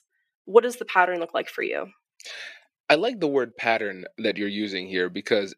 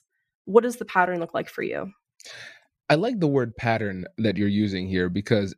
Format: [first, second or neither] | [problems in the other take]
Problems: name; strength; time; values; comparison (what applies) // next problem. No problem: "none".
second | thin; somewhat; fading below 400 Hz